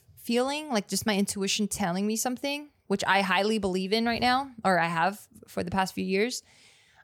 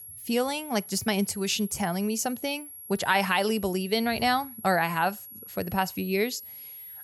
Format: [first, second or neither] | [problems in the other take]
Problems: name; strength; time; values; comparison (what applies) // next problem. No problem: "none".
first | high-pitched whine; noticeable; throughout; 11.5 kHz, 15 dB below the speech